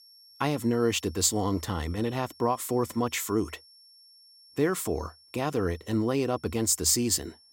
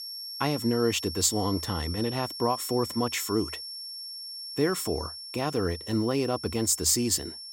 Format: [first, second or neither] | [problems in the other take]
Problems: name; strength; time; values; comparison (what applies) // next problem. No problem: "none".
first | high-pitched whine; loud; throughout; 5.5 kHz, 9 dB below the speech; faint in the first